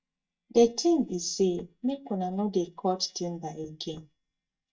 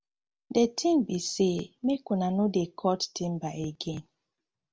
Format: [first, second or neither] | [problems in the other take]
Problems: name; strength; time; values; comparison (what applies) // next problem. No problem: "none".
second | noise reduction (neural mask model DeepFilterNet 3)